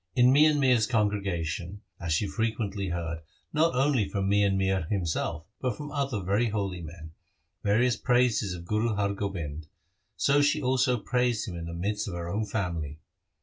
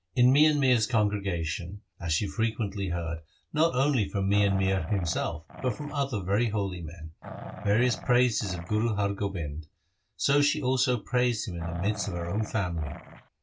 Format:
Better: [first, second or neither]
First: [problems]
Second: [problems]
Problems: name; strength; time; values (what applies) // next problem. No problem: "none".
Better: first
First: none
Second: background sound (Growling); 13 dB below the speech